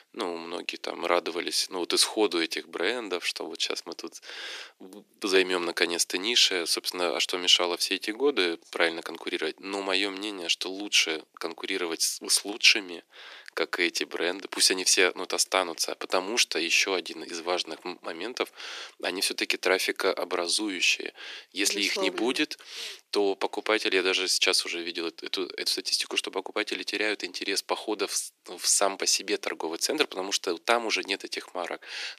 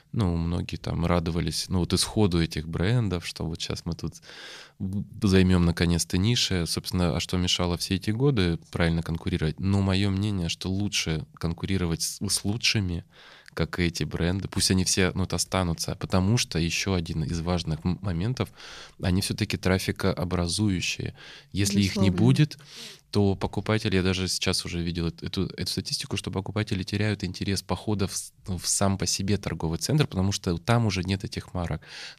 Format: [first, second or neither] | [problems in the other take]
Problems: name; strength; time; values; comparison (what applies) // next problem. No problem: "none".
second | thin; very; fading below 300 Hz